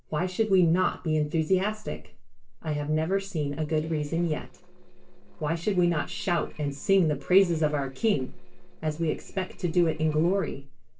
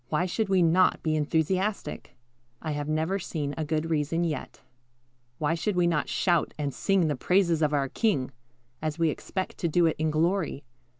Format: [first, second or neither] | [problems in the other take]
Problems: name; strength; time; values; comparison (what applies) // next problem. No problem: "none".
second | noise reduction (neural separator model SepFormer DNS4)